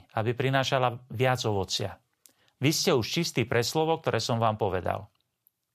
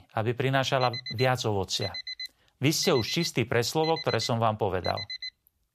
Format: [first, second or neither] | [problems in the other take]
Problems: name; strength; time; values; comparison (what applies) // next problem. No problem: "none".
first | alarm; noticeable; from 1 s on; peak 7 dB below the speech